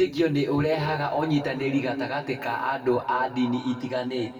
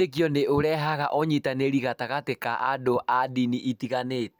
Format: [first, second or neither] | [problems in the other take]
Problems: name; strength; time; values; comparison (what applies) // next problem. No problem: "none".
second | room echo; dies away in 2.3 s